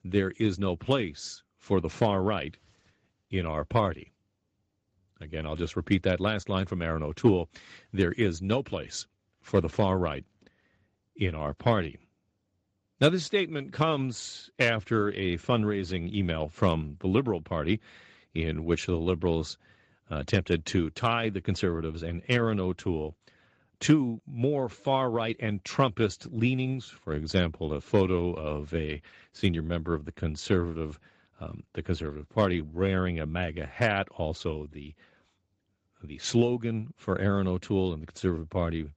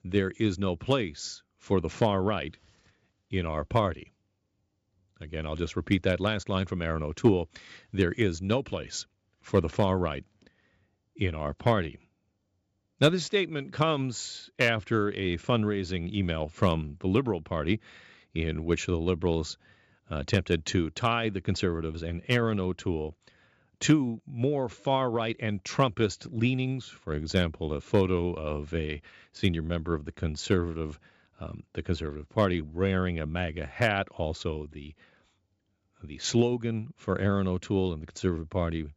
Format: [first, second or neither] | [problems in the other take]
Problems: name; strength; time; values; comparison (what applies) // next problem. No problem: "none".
second | garbled, watery; slightly